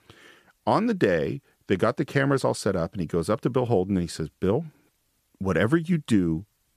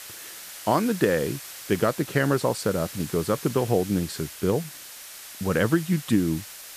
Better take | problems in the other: first | hiss; noticeable; throughout; 15 dB below the speech

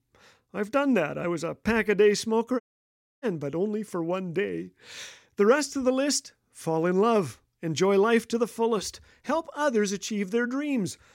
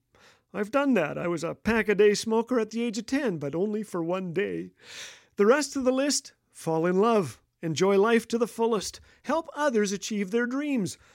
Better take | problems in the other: second | audio cutting out; at 2.5 s for 0.5 s

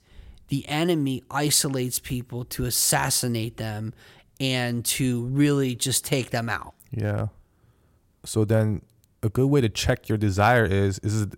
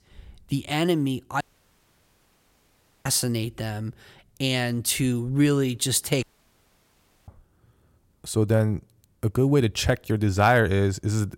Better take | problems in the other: first | audio cutting out; at 1.5 s for 1.5 s and at 6 s for 1 s

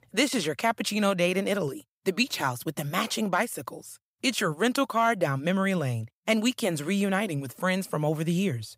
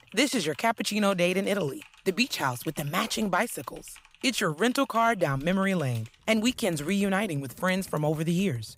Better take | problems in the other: first | household noises; faint; throughout; 25 dB below the speech

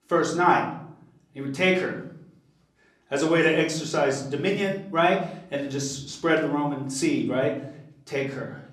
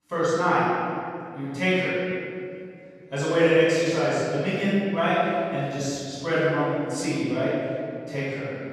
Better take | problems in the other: first | room echo; strong; dies away in 2.2 s; slight in the first // off-mic speech; far; somewhat distant in the first

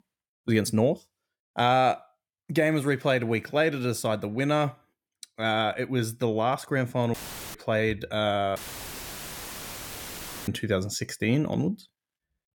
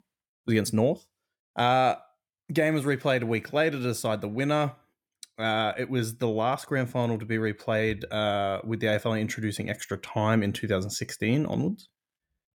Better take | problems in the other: second | audio cutting out; filled with static; at 7 s and at 8.5 s for 2 s

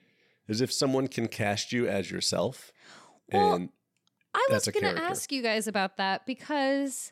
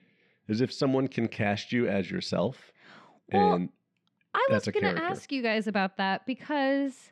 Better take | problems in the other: first | muffled; slightly; fading above 3 kHz

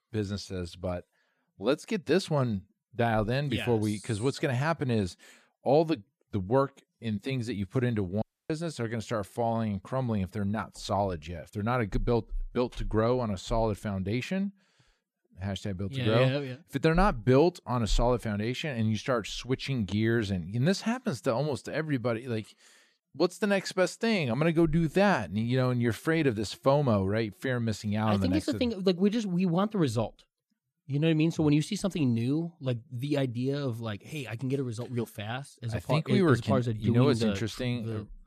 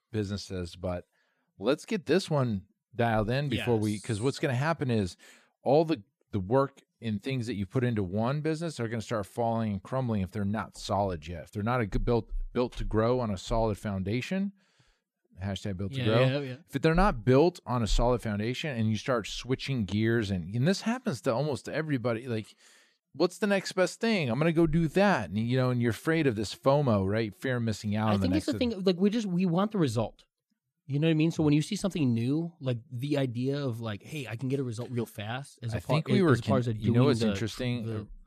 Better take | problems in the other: second | audio cutting out; at 8 s

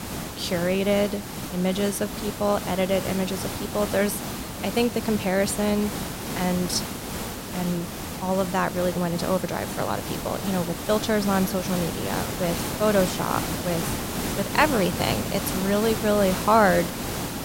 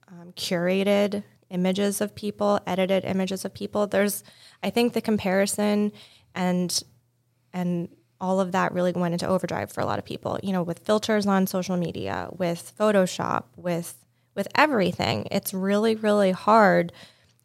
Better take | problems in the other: second | hiss; loud; throughout; 5 dB below the speech

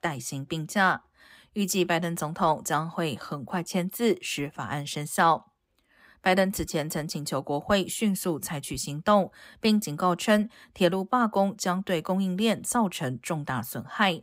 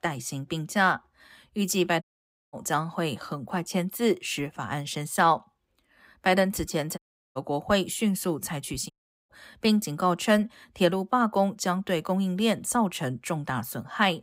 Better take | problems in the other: first | audio cutting out; at 2 s for 0.5 s, at 7 s and at 9 s

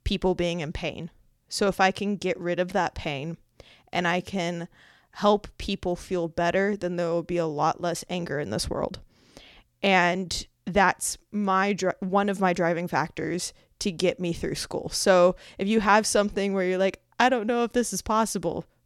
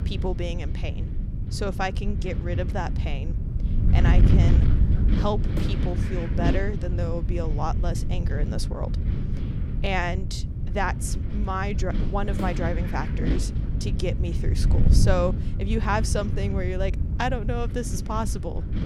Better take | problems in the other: first | wind noise on the microphone; heavy; 7 dB below the speech

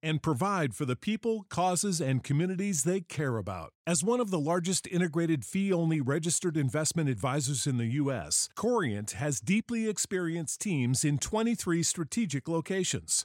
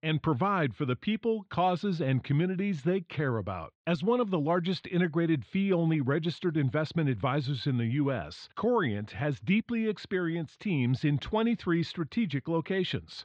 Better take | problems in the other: first | muffled; very; fading above 4 kHz

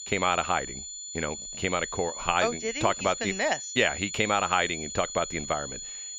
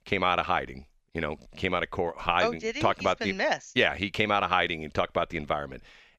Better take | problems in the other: second | high-pitched whine; loud; throughout; 7 kHz, 8 dB below the speech

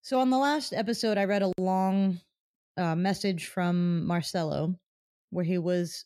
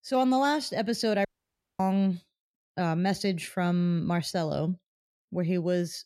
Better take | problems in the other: first | audio cutting out; at 1.5 s for 0.5 s

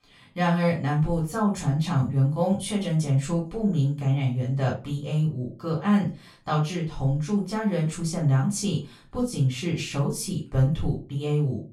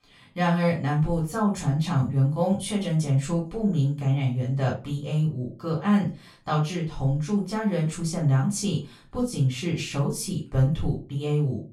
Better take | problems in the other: neither | off-mic speech; far; the same in both // room echo; slight; dies away in 0.3 s; the same in both

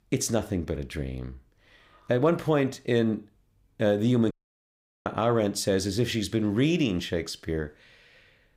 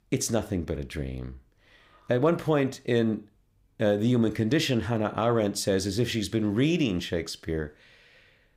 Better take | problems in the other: second | audio cutting out; at 4.5 s for 1 s

